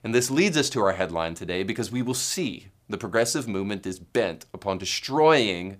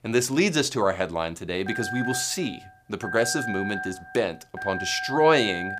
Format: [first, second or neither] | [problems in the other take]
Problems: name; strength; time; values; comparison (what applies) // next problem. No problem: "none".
first | phone ringing; noticeable; from 1.5 s on; peak 5 dB below the speech